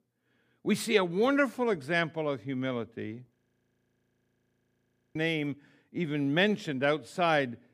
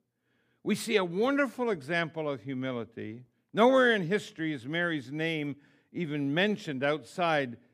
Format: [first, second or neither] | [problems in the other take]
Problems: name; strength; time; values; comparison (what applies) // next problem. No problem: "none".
second | audio freezing; at 3.5 s for 2 s